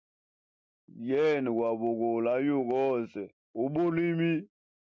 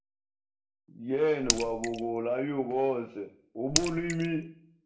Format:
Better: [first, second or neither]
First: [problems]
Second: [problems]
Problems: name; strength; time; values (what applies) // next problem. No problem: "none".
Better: first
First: none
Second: background sound (Raindrop / Splash, splatter); 2 dB below the speech // room echo; dies away in 0.5 s